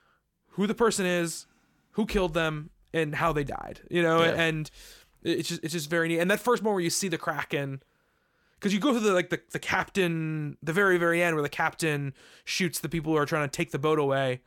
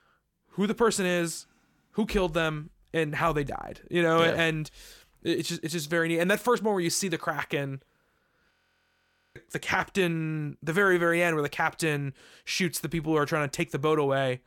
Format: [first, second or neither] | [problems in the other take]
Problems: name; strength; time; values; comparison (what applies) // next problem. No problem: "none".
first | audio freezing; at 8.5 s for 1 s